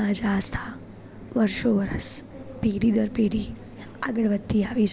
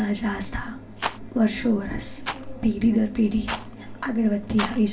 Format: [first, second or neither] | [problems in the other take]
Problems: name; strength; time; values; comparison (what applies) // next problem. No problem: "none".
first | background sound (Rattle); 13 dB below the speech // room echo; dies away in 0.2 s